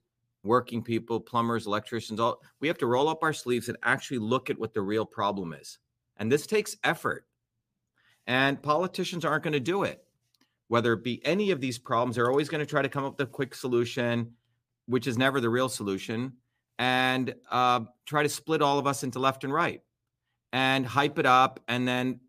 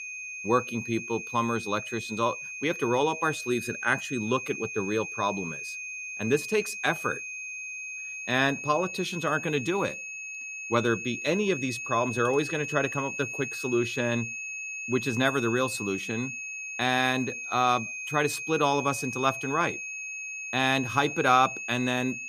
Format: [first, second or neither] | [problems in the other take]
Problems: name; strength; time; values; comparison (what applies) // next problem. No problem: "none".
first | high-pitched whine; loud; throughout; 2.5 kHz, 6 dB below the speech